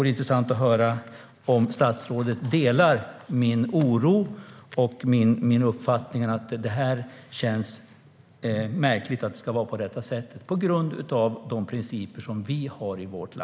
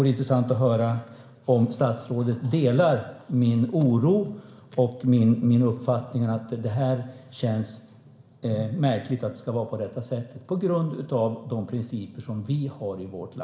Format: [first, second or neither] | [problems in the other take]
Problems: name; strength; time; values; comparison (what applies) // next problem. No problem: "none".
first | room echo; dies away in 1.3 s